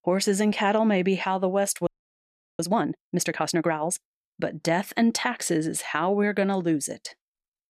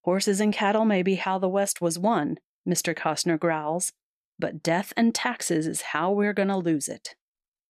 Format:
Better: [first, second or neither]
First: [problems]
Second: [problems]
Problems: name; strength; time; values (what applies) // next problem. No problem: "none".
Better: second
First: audio freezing; at 2 s for 0.5 s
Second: none